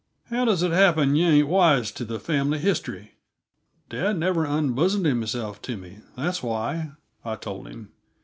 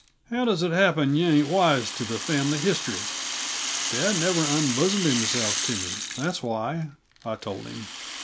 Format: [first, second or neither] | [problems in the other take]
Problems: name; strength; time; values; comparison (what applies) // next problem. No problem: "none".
first | background sound (Rattle (instrument)); 6 dB below the speech